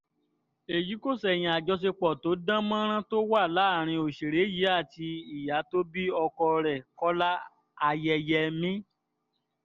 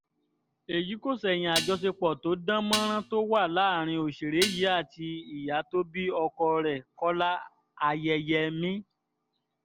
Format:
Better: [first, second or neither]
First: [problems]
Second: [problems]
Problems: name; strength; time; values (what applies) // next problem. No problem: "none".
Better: first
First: none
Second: background sound (Dishes, pots, and pans); 5 dB below the speech